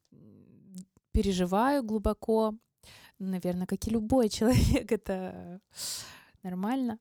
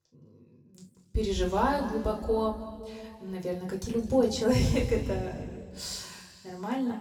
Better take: first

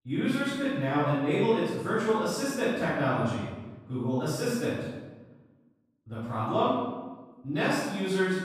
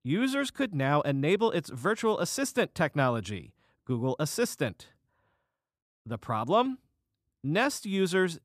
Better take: second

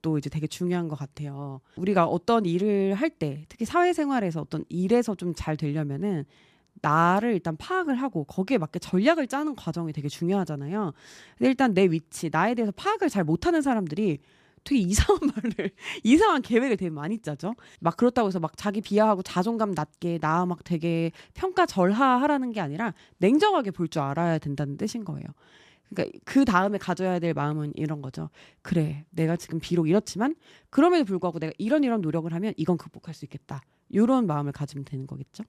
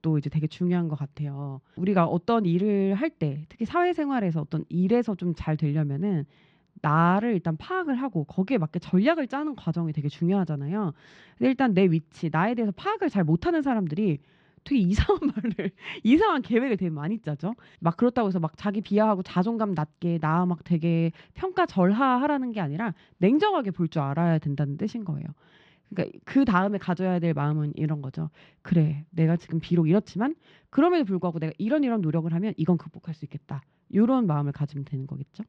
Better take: first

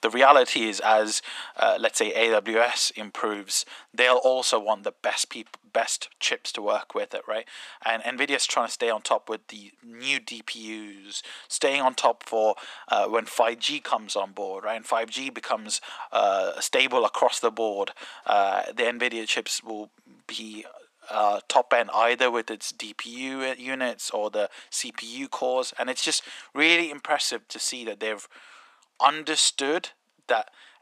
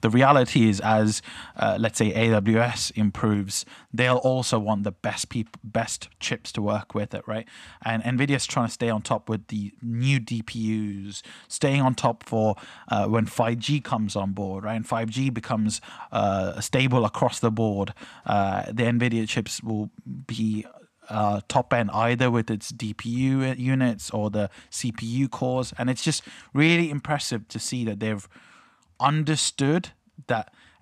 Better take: second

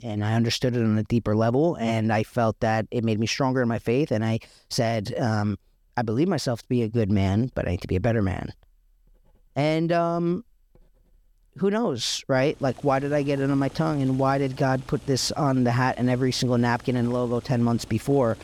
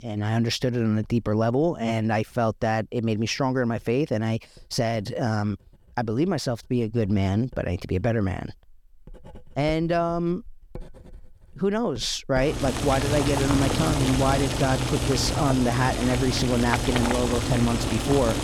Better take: first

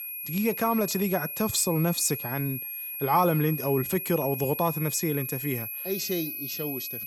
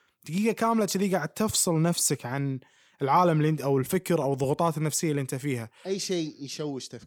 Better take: second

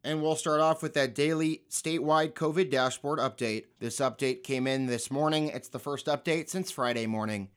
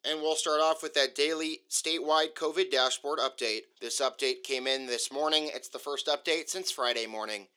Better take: first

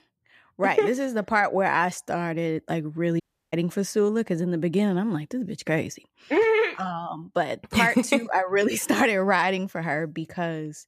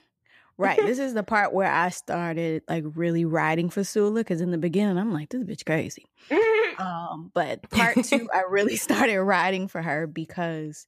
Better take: second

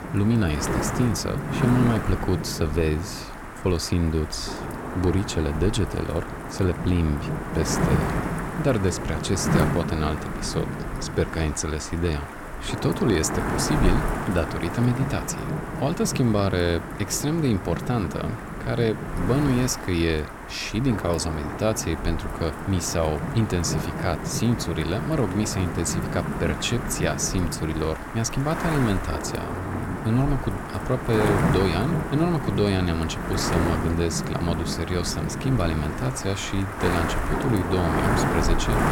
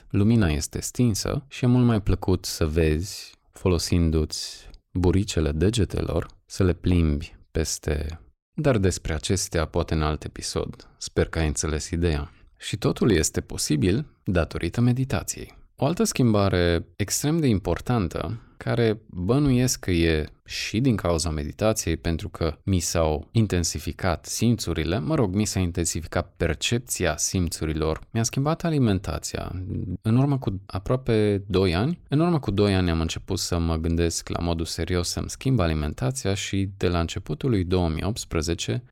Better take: second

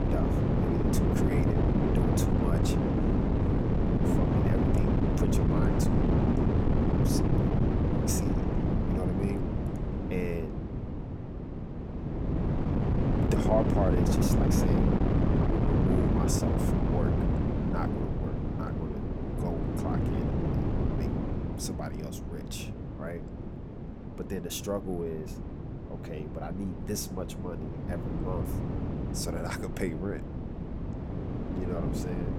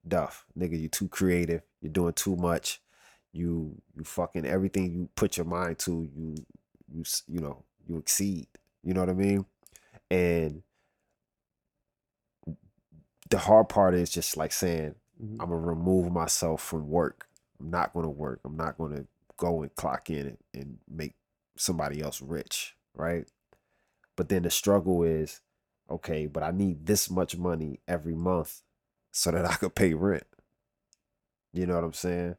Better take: second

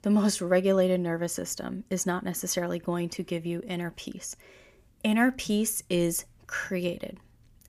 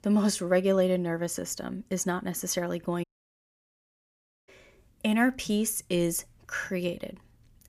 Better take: first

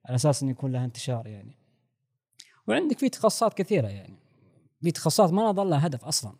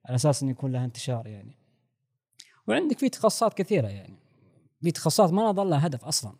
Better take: neither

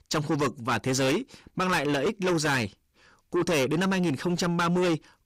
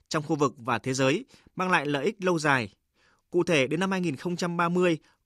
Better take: second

